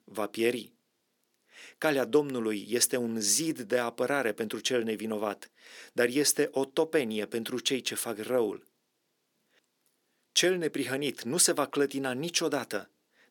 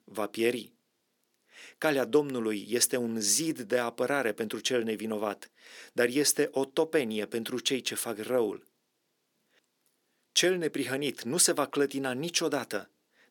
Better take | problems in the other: neither | thin; somewhat; fading below 400 Hz; the same in both

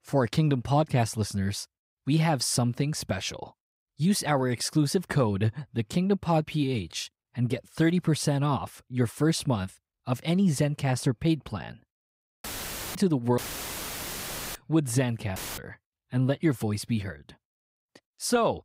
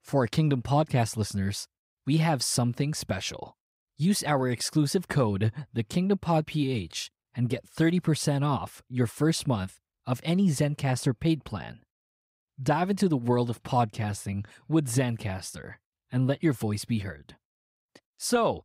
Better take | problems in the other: second | audio cutting out; filled with static; at 12 s for 0.5 s, at 13 s for 1 s and at 15 s

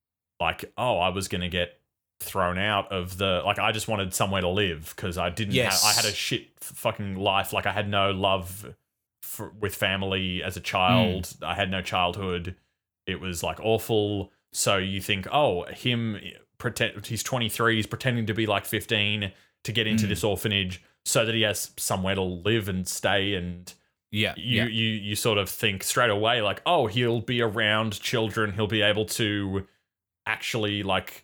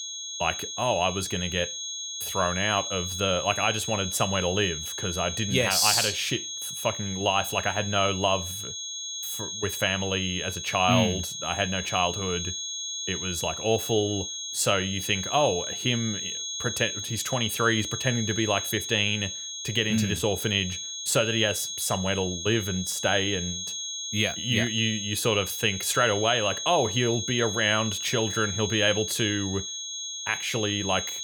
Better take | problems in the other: first | high-pitched whine; loud; throughout; 6.5 kHz, 5 dB below the speech

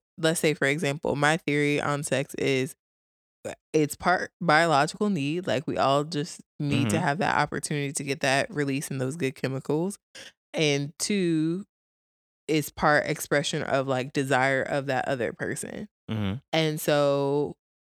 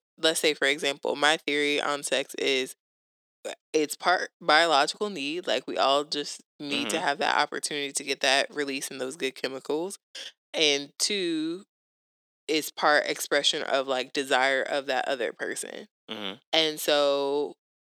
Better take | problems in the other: first | thin; somewhat; fading below 300 Hz

